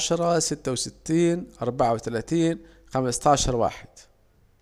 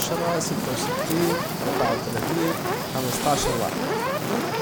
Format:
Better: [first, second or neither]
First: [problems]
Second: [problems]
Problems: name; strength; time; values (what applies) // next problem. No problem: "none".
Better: first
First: none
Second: background sound (Fire); 2 dB above the speech